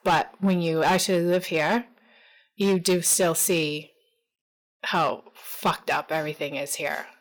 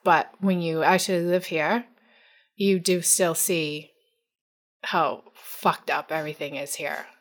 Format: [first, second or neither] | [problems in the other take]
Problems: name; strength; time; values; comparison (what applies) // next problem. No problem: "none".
second | distortion; slight; 5% of the sound clipped